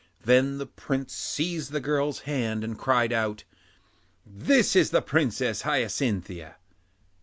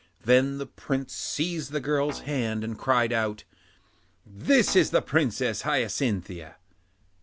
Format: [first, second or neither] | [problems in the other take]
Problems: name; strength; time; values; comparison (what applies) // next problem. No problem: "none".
first | background sound (Guitar); 19 dB below the speech